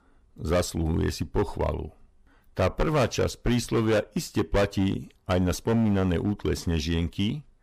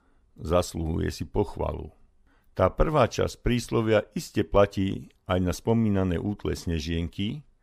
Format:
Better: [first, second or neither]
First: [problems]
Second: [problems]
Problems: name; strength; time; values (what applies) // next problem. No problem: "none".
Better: second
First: distortion; heavy; 9% of the sound clipped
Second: none